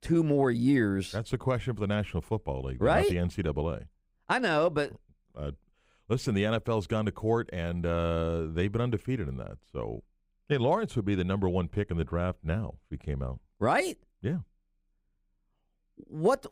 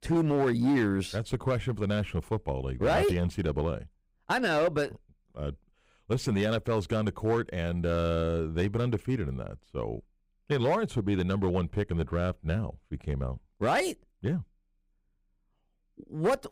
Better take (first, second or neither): first